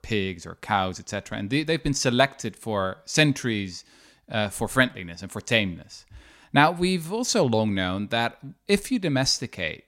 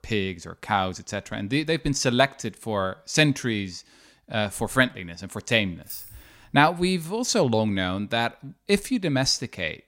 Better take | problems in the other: first | jangling keys; faint; at 6 s; peak 15 dB below the speech

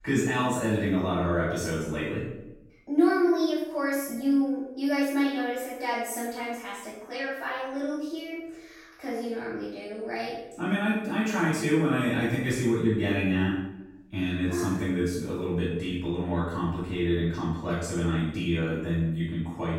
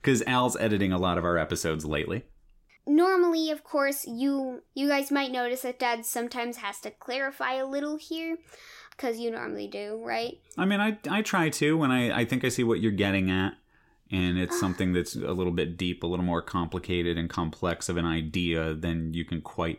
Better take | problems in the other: second | off-mic speech; far // room echo; strong; dies away in 0.7 s

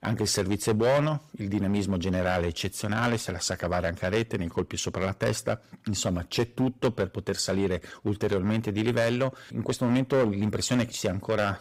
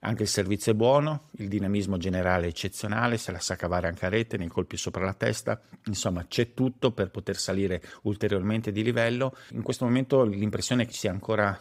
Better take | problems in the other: second | distortion; slight; 5% of the sound clipped

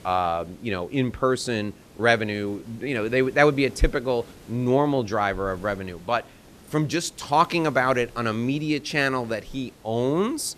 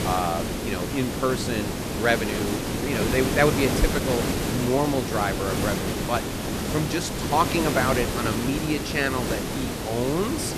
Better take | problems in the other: first | hiss; loud; throughout; 1 dB below the speech; faint in the first

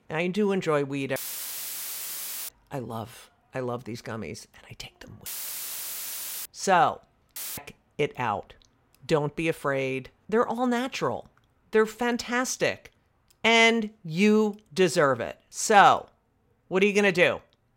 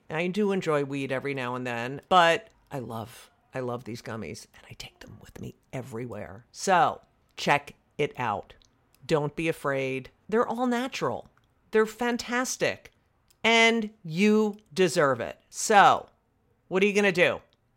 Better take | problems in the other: second | audio cutting out; filled with static; at 1 s for 1.5 s, at 5.5 s for 1 s and at 7.5 s

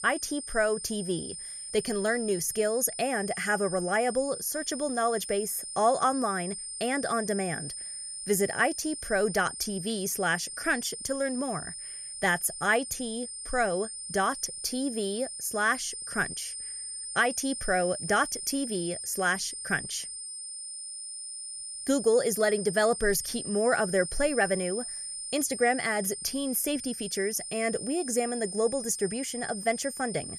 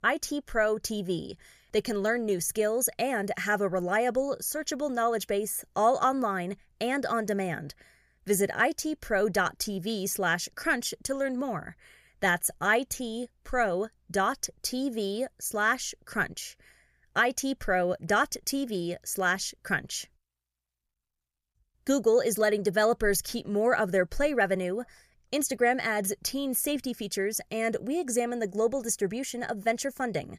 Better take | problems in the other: second | high-pitched whine; loud; throughout; 9 kHz, 7 dB below the speech

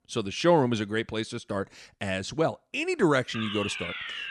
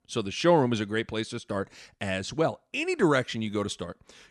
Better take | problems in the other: second | alarm; noticeable; at 3.5 s; peak 5 dB below the speech

